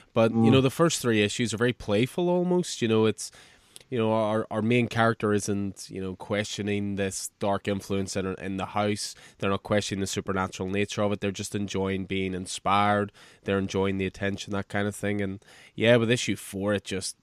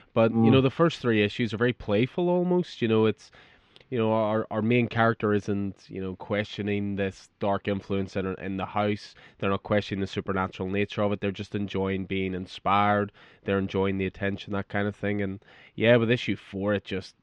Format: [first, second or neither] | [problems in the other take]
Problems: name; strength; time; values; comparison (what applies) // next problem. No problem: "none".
first | muffled; slightly; fading above 3.5 kHz